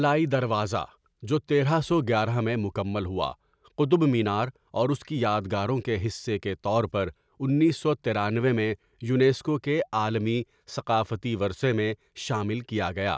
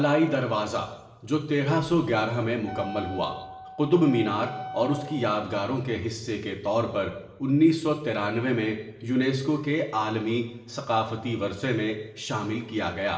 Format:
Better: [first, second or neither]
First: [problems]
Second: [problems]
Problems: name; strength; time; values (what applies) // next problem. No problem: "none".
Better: first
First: none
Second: background sound (Wind instrument, woodwind instrument); 13 dB below the speech // room echo; dies away in 0.8 s